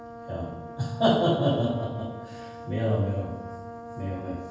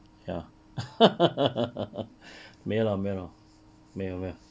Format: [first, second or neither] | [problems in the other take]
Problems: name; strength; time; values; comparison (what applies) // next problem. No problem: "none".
second | background sound (Brass instrument); 13 dB below the speech // room echo; dies away in 1.2 s